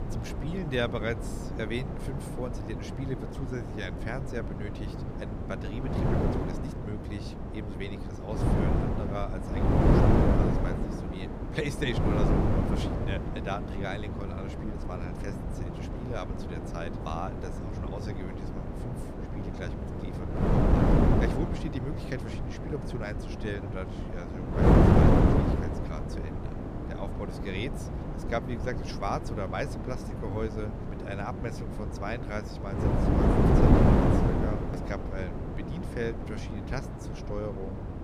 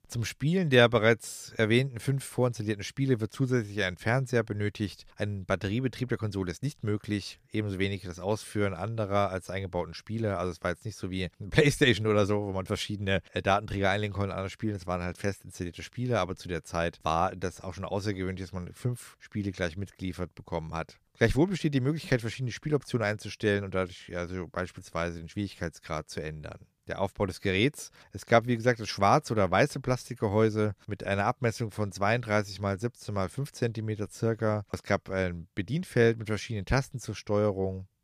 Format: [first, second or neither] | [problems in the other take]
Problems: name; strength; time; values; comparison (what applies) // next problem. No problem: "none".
second | wind noise on the microphone; heavy; 4 dB above the speech